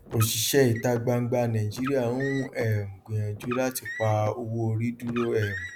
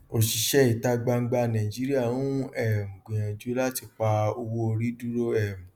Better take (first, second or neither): second